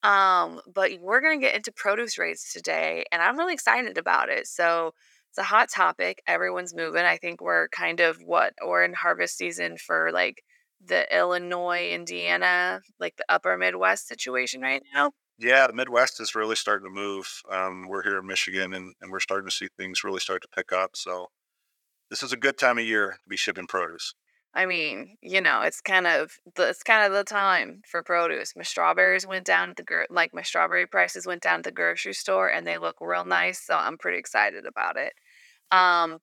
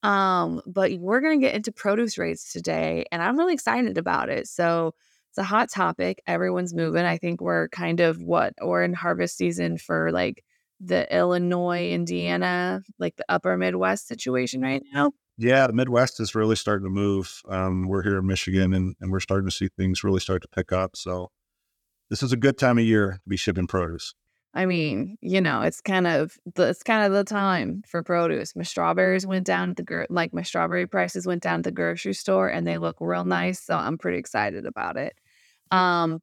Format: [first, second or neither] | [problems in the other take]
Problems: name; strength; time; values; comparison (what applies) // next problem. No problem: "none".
second | thin; very; fading below 600 Hz